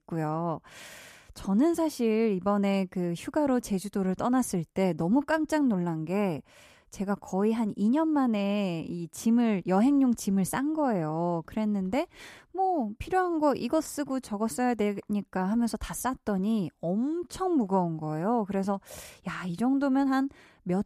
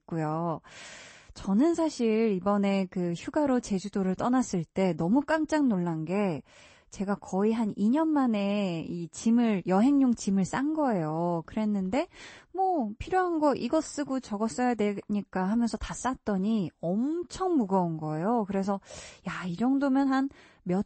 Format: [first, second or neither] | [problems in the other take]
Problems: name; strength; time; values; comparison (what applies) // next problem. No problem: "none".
first | garbled, watery; slightly; nothing above 8 kHz